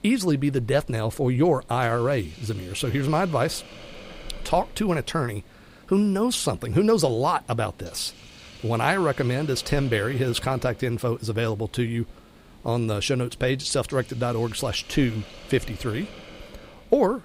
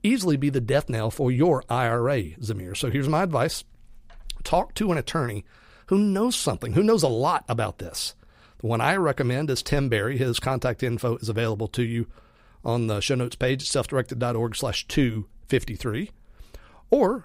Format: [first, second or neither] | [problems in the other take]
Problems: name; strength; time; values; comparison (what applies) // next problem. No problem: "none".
second | hiss; faint; throughout; 20 dB below the speech